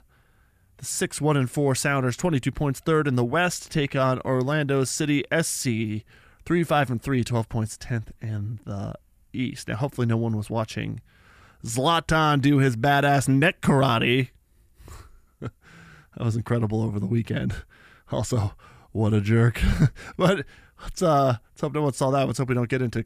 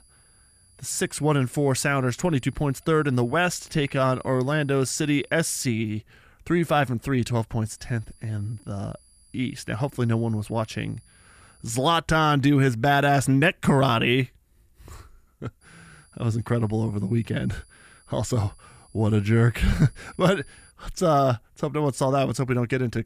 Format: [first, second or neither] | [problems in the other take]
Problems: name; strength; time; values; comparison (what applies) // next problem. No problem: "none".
first | high-pitched whine; faint; until 5.5 s, from 8 to 12 s and from 16 to 21 s; 10 kHz, 30 dB below the speech